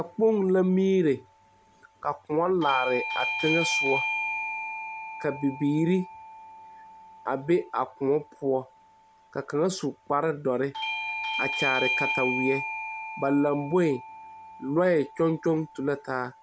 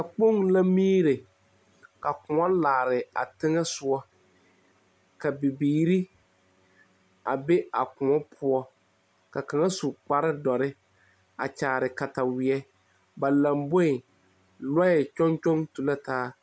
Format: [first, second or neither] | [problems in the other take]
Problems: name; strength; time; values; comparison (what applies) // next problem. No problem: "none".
second | background sound (Bell / Doorbell); 7 dB below the speech